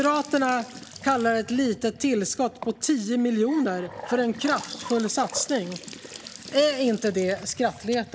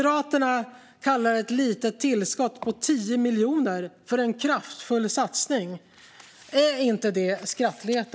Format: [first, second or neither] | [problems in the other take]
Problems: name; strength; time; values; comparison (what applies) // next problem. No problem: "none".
second | background sound (Trickle, dribble / Bathtub (filling or washing) / Sink (filling or washing) / Gurgling); 16 dB below the speech